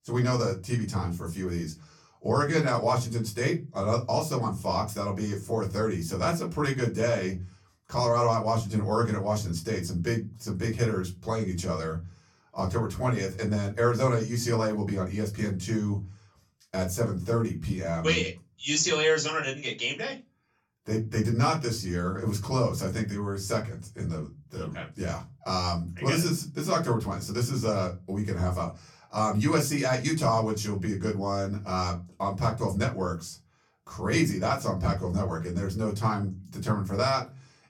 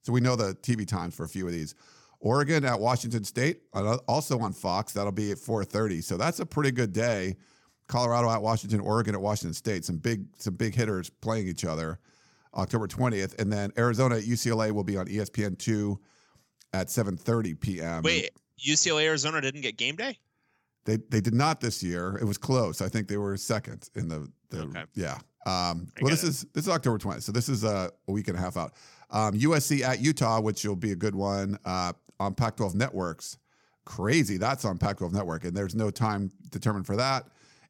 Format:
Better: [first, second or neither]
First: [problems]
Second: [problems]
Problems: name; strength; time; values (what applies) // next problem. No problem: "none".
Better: second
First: off-mic speech; far // room echo; very slight; dies away in 0.3 s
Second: none